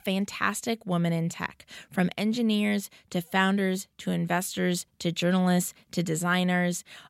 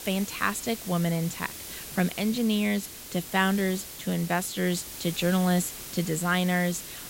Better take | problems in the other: first | hiss; noticeable; throughout; 10 dB below the speech

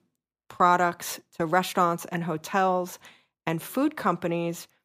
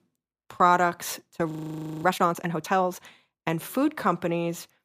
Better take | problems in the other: first | audio freezing; at 1.5 s for 0.5 s

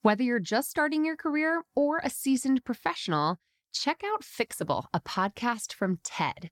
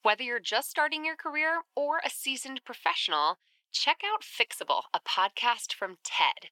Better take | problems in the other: first | thin; very; fading below 500 Hz

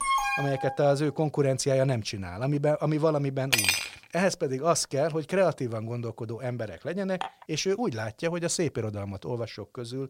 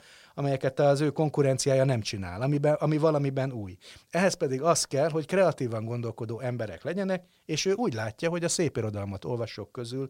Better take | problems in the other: second | alarm; loud; at the start; peak 3 dB above the speech // clattering dishes; loud; at 3.5 s; peak 6 dB above the speech // clattering dishes; faint; at 7 s; peak 10 dB below the speech

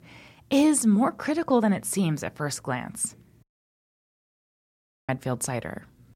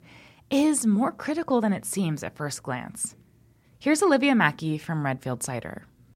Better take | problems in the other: second | audio cutting out; at 3.5 s for 1.5 s

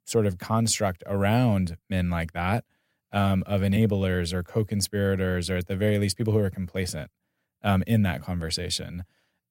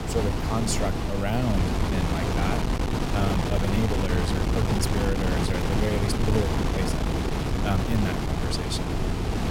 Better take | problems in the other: first | wind noise on the microphone; heavy; 2 dB above the speech

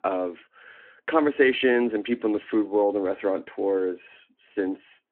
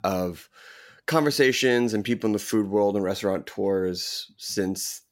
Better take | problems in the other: second | phone-call audio

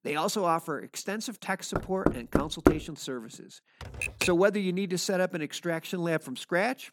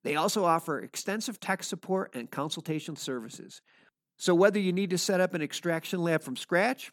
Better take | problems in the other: second | door banging; loud; at 2 s; peak 5 dB above the speech // keyboard typing; noticeable; at 4 s; peak level with the speech

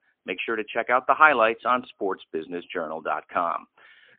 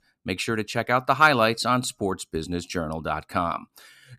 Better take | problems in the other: second | phone-call audio; poor line

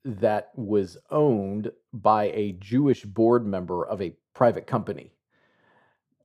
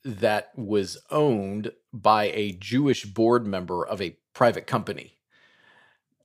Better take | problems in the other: second | muffled; slightly; fading above 1.5 kHz

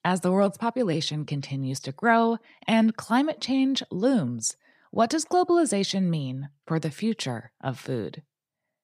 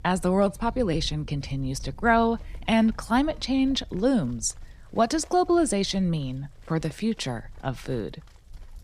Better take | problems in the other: first | animal sounds; noticeable; throughout; 20 dB below the speech

